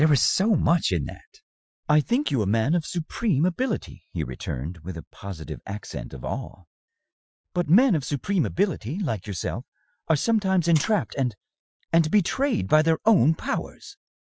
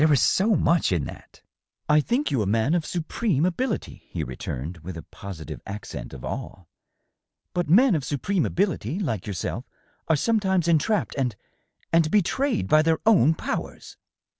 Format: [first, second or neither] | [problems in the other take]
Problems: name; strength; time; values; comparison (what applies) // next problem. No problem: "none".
second | noise reduction (classical method Wiener filter)